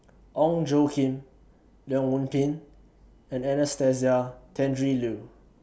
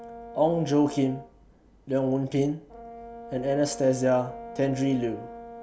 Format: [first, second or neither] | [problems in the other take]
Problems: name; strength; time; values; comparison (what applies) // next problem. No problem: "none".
first | background sound (Brass instrument); 15 dB below the speech